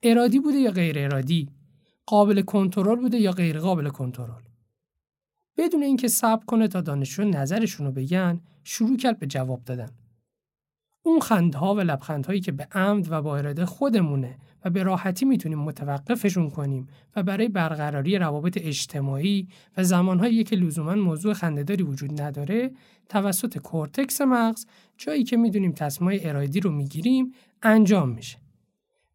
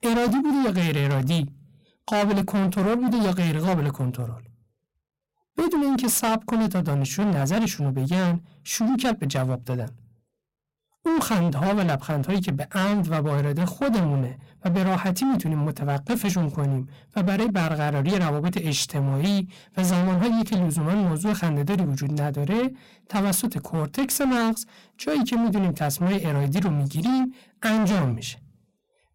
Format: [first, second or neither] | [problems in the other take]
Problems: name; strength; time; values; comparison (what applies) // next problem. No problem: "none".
first | distortion; heavy; 25% of the sound clipped